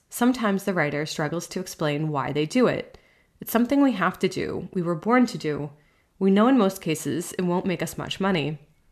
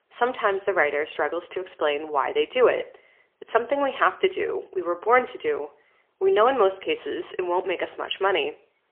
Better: first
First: none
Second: phone-call audio; poor line; nothing above 3 kHz

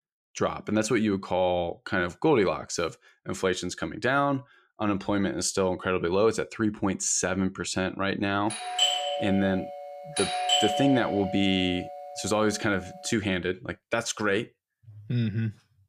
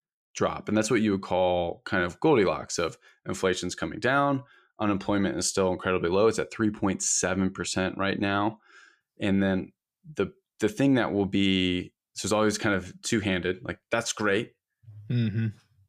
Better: second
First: doorbell; loud; from 8.5 to 12 s; peak 4 dB above the speech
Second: none

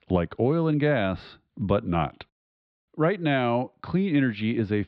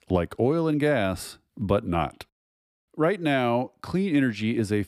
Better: second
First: muffled; slightly; fading above 4 kHz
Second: none

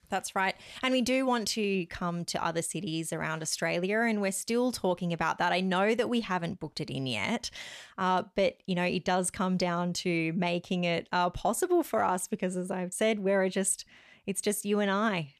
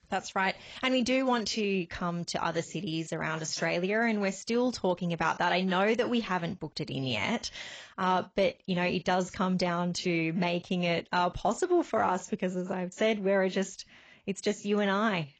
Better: first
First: none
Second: garbled, watery; badly; nothing above 7.5 kHz

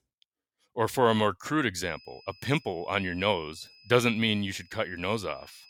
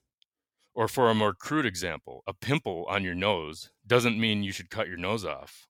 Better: second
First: high-pitched whine; faint; from 2 s on; 5 kHz, 25 dB below the speech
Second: none

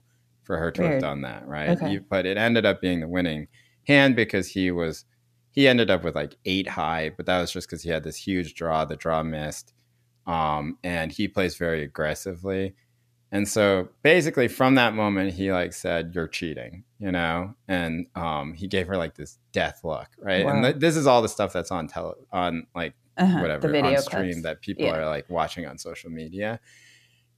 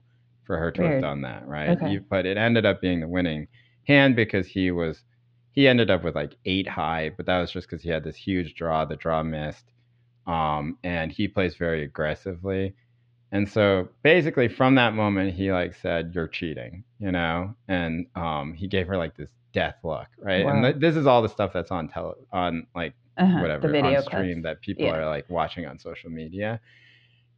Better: first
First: none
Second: muffled; slightly; fading above 3.5 kHz

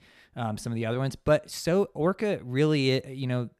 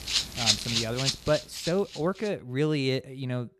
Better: first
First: none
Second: background music; very loud; throughout; 2 dB above the speech

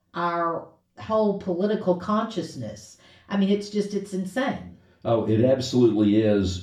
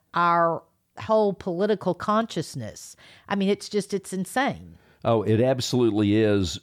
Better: second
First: room echo; slight; dies away in 0.4 s // off-mic speech; far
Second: none

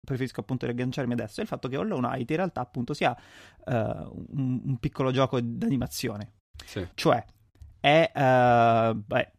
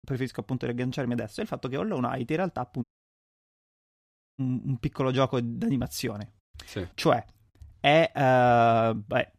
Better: first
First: none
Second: audio cutting out; at 3 s for 1.5 s

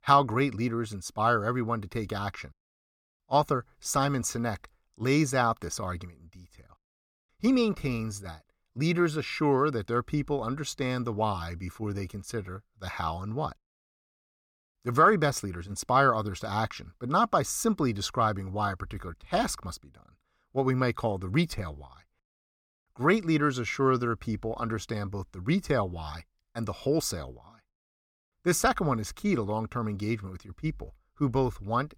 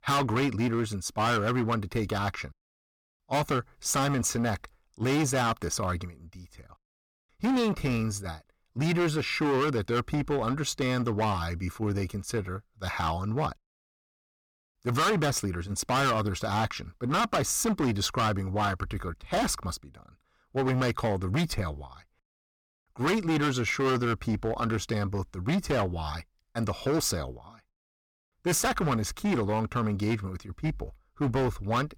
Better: first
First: none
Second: distortion; heavy; 13% of the sound clipped

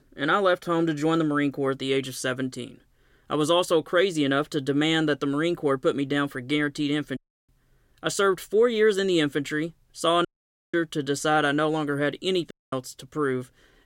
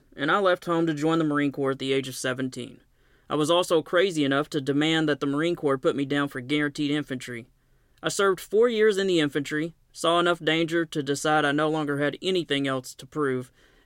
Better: second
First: audio cutting out; at 7 s, at 10 s and at 13 s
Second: none

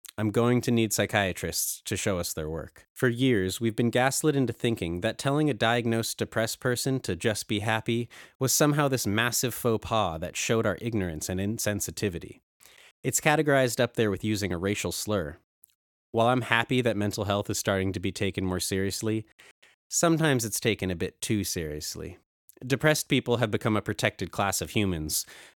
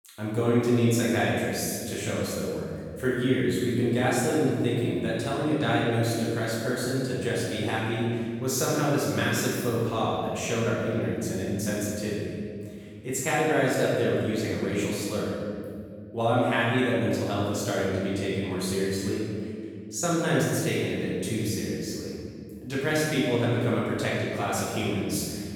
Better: first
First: none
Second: room echo; strong; dies away in 2.1 s // off-mic speech; far

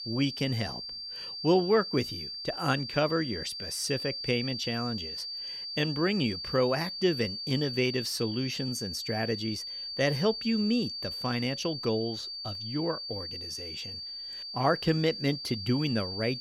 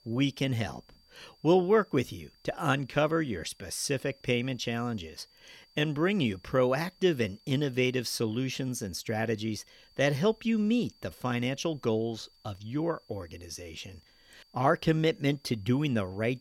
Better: second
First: high-pitched whine; loud; throughout; 4.5 kHz, 5 dB below the speech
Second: high-pitched whine; faint; throughout; 4.5 kHz, 30 dB below the speech

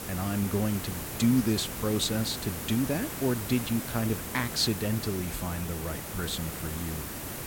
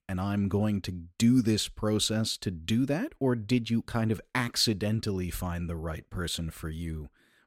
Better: second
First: hiss; loud; throughout; 6 dB below the speech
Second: none

